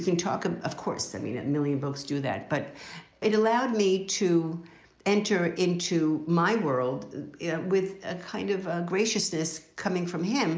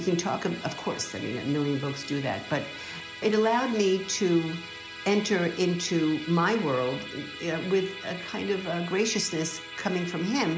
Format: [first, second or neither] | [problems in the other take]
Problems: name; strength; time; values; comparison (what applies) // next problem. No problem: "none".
first | background sound (Musical instrument); 13 dB below the speech